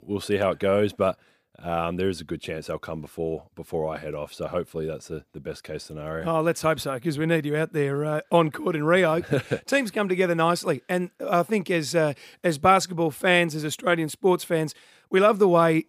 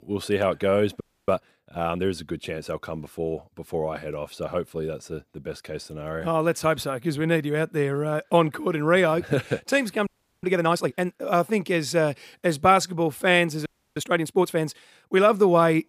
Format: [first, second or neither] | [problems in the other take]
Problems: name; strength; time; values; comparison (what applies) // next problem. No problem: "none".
first | audio freezing; at 1 s, at 10 s and at 14 s